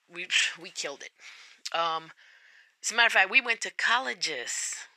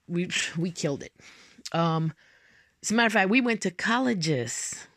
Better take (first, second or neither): second